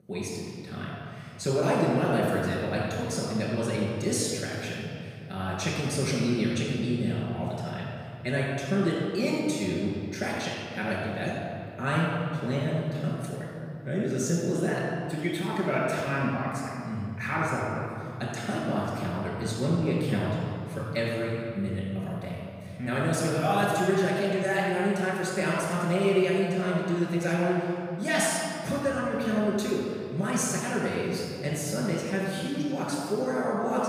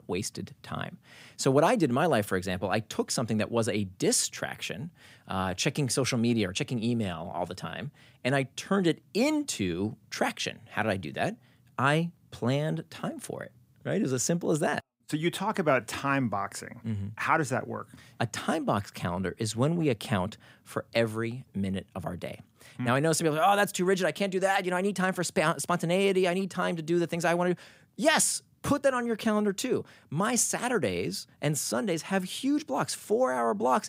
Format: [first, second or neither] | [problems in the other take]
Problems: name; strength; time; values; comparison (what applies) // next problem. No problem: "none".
second | room echo; strong; dies away in 2.9 s // off-mic speech; far